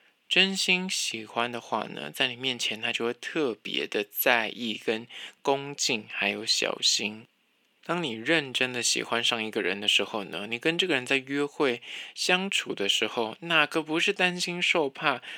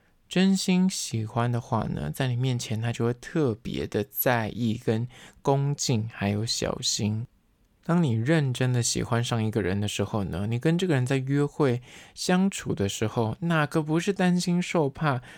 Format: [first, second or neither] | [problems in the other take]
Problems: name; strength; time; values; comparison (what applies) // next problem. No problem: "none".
second | thin; somewhat; fading below 250 Hz